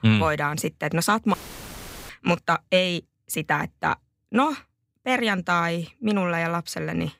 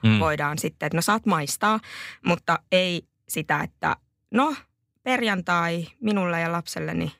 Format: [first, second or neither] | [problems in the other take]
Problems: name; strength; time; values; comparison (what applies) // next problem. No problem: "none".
second | audio cutting out; filled with static; at 1.5 s for 0.5 s